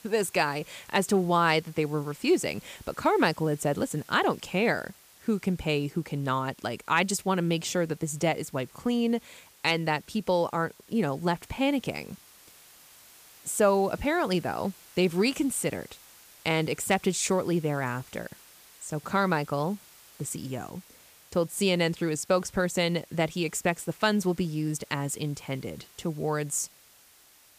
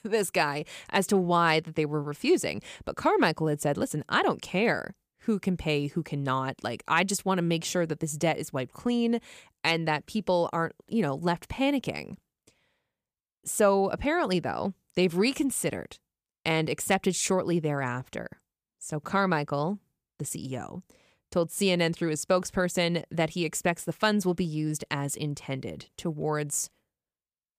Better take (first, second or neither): second